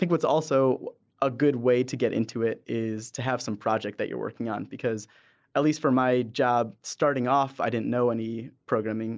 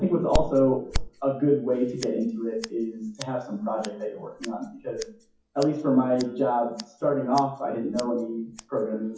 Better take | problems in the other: first | noise reduction (classical method WPE with log-MMSE)

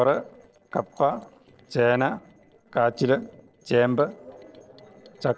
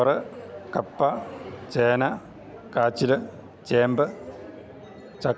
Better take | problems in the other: second | noise reduction (neural separator model SepFormer DNS4)

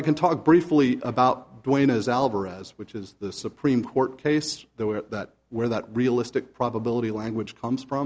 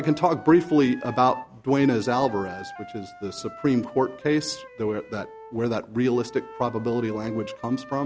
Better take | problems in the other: first | background sound (Wind instrument, woodwind instrument); 17 dB below the speech

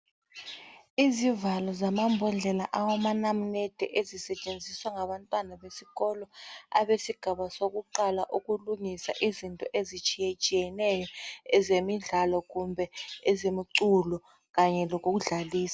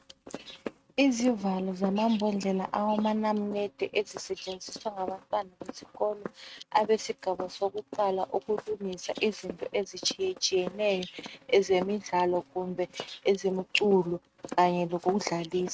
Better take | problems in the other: first | noise reduction (neural mask model RNNoise)

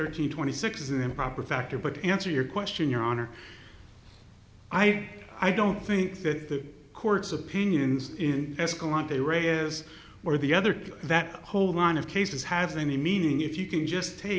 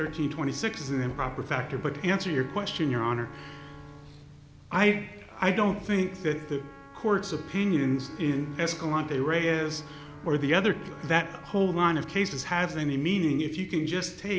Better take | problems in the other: first | background sound (Trumpet + Bowed string instrument); 19 dB below the speech

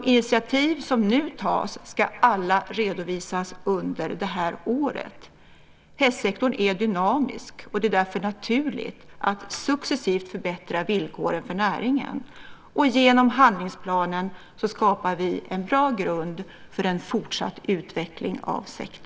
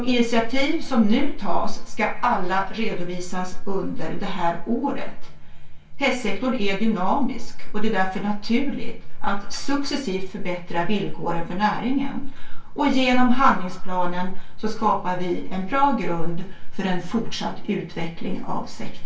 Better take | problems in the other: first | room echo; dies away in 0.2 s

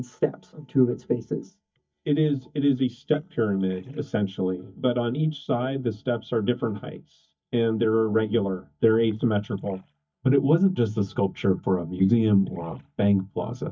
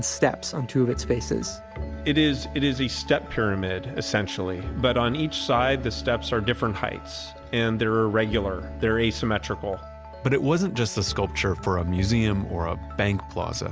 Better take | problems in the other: second | noise reduction (neural mask model DeepFilterNet 3)

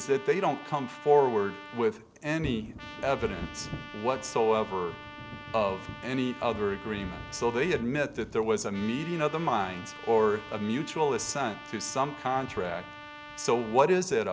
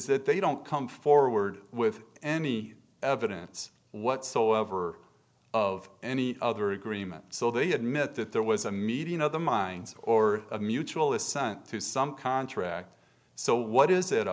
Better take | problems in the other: second | background sound (Trumpet + Thunder); 14 dB below the speech

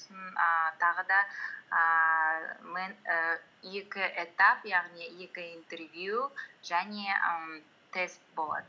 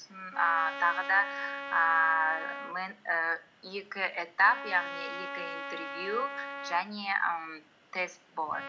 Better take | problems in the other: first | background sound (Trumpet); 10 dB below the speech

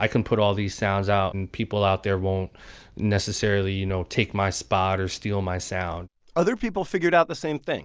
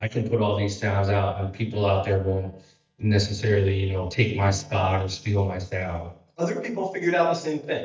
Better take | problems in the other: first | noise reduction (neural mask model DeepFilterNet 3)

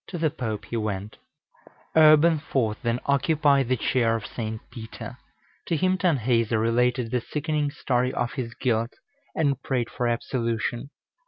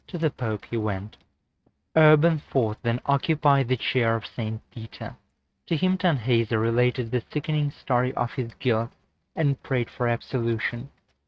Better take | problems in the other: first | noise reduction (neural mask model RNNoise)

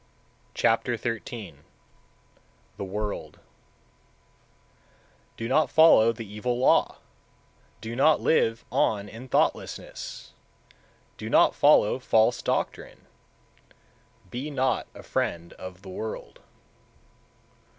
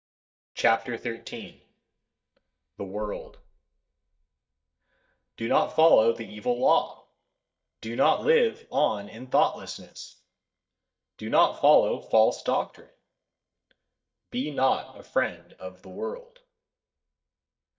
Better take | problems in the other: first | noise reduction (neural mask model DeepFilterNet 3)

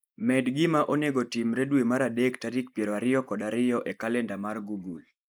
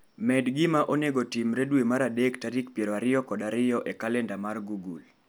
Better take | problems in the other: second | noise reduction (neural mask model Resemble Enhance denoiser)

